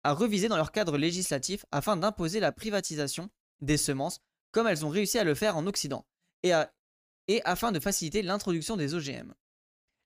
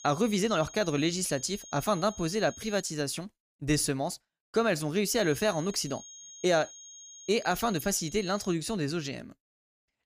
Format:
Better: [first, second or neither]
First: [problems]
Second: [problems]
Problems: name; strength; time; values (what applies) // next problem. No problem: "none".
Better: first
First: none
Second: high-pitched whine; noticeable; until 3 s and from 5 to 8.5 s; 6.5 kHz, 15 dB below the speech